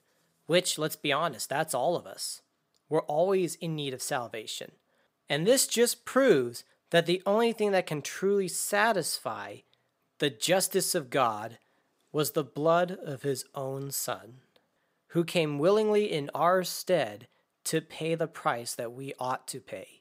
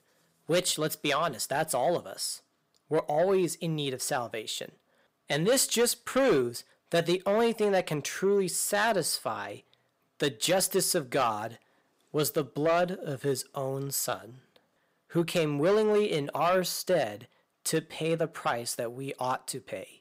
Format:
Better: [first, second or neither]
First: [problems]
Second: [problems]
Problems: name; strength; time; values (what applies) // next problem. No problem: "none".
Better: first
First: none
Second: distortion; slight; 10 dB below the speech